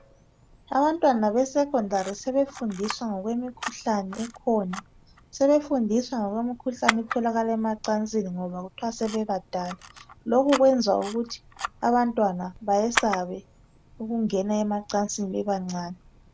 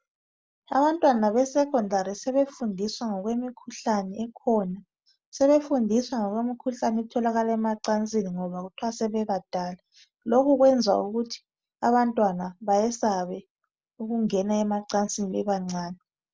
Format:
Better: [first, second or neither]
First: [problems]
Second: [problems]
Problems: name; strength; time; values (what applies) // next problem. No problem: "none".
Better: second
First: background sound (Camera); 13 dB below the speech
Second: none